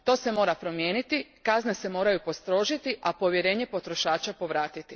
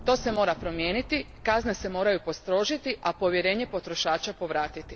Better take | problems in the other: first | background sound (Rain / Thunderstorm); 17 dB below the speech

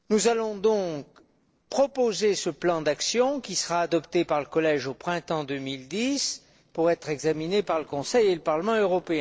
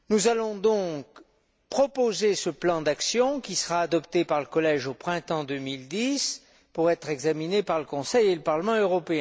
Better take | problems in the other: second | noise reduction (neural separator model SepFormer DNS4)

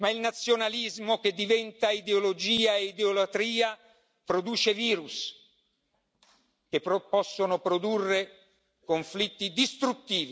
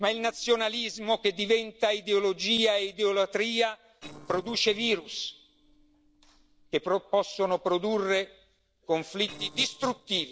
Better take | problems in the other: first | noise reduction (neural separator model SepFormer DNS4)

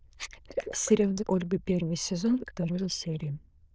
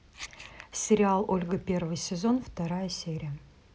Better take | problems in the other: second | noise reduction (neural diffusion model UNIVERSE++)

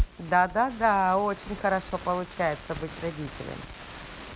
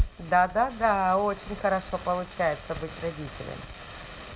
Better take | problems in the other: first | room echo; dies away in 1.6 s

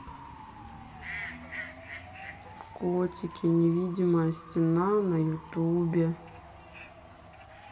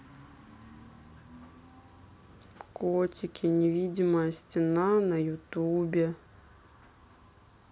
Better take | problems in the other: second | background sound (Bird / Fowl); 16 dB below the speech // room echo; dies away in 2.7 s

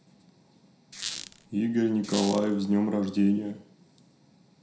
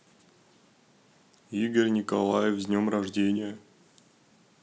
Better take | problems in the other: second | background sound (Squeak); 11 dB below the speech // room echo; dies away in 0.5 s

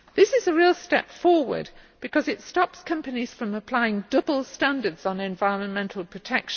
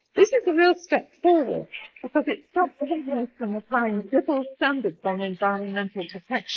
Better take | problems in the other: first | noise reduction (neural mask model Resemble Enhance denoiser)

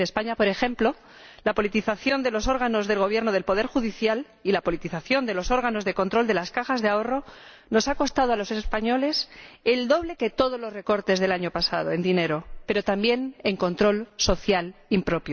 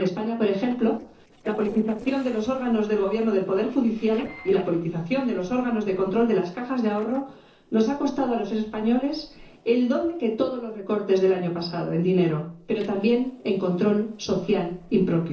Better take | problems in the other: first | noise reduction (neural separator model SepFormer DNS4)

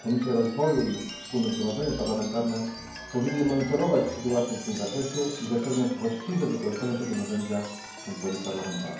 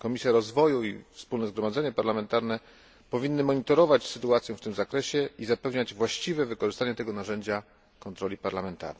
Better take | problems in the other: second | background sound (Chime); 12 dB below the speech // room echo; dies away in 0.9 s

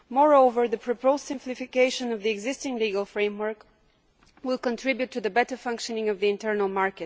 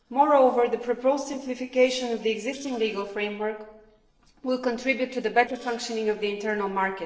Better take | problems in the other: first | noise reduction (neural separator model SepFormer DNS4)

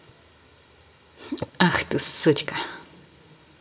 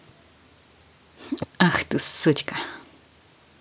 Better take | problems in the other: second | room echo; dies away in 1 s

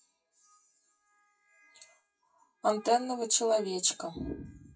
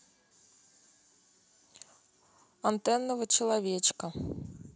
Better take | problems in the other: second | noise reduction (classical method WPE with log-MMSE)

